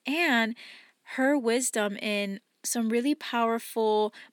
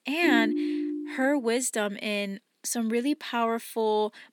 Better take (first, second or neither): first